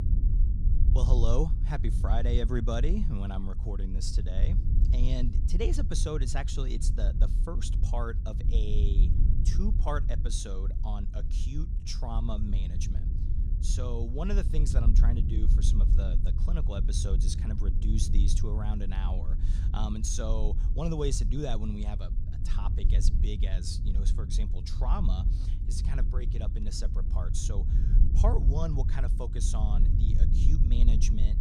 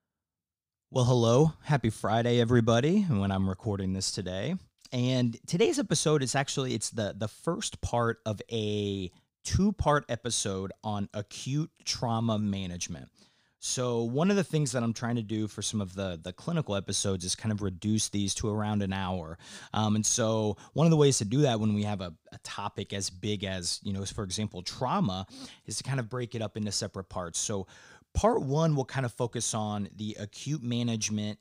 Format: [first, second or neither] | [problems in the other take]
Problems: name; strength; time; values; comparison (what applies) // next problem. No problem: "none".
second | low rumble; loud; throughout; 8 dB below the speech